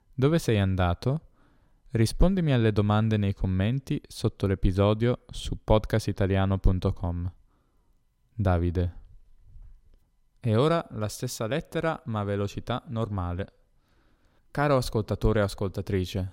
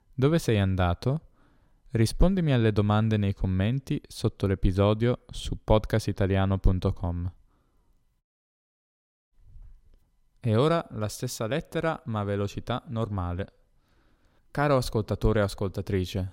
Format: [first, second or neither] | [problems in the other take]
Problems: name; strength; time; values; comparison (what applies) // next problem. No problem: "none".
first | audio cutting out; at 8 s for 1 s